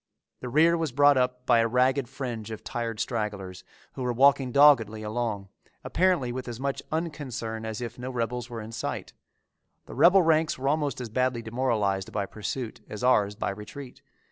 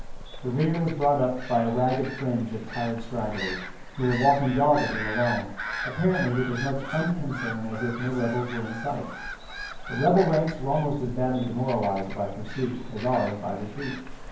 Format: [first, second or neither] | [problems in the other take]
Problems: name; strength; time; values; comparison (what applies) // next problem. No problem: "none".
first | background sound (Gull, seagull / Bird vocalization, bird call, bird song); 9 dB below the speech // room echo; dies away in 0.9 s